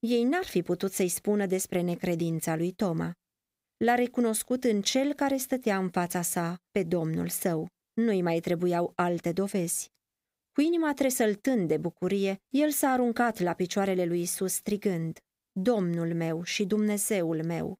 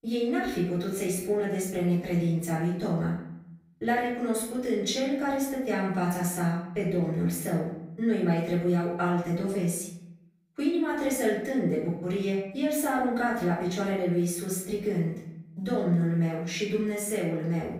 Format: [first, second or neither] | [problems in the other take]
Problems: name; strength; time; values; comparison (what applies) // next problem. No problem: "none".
first | off-mic speech; far // room echo; noticeable; dies away in 0.7 s